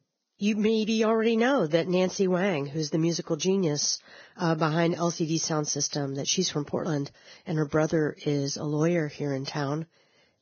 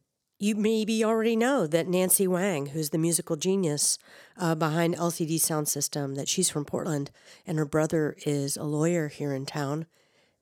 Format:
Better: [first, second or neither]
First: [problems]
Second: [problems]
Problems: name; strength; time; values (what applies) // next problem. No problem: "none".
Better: second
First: garbled, watery; badly; nothing above 6.5 kHz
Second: none